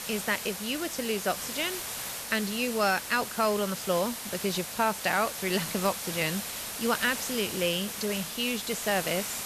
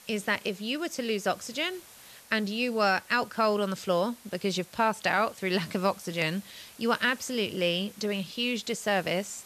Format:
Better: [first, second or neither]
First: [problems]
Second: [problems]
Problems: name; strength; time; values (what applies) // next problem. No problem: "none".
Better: second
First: hiss; loud; throughout; 5 dB below the speech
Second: hiss; faint; throughout; 20 dB below the speech